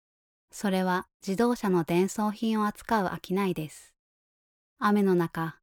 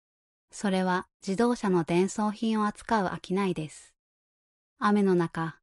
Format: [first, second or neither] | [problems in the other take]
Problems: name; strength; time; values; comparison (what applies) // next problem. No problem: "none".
first | garbled, watery; slightly; nothing above 11 kHz